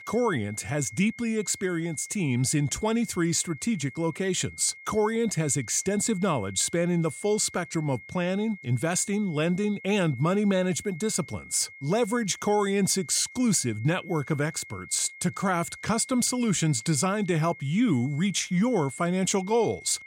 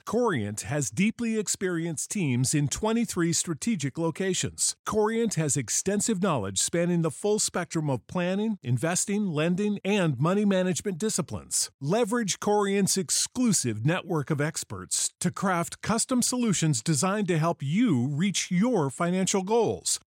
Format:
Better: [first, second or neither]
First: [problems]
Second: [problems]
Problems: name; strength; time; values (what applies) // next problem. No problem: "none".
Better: second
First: high-pitched whine; noticeable; throughout; 2 kHz, 20 dB below the speech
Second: none